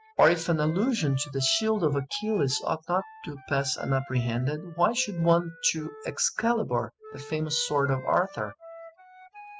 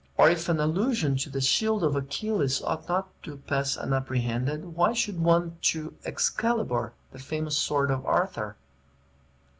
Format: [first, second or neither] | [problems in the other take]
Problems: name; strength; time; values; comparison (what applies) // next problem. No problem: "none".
second | noise reduction (classical method spectral subtraction)